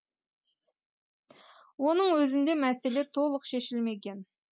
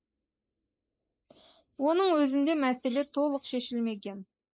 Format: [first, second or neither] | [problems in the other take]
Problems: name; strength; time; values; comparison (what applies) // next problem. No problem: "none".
first | noise reduction (neural mask model Resemble Enhance denoiser)